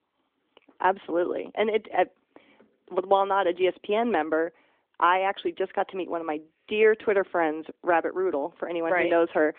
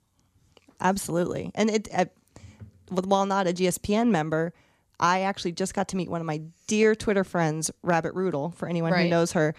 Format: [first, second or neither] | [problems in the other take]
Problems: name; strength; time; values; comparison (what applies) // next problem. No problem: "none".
second | phone-call audio; nothing above 3.5 kHz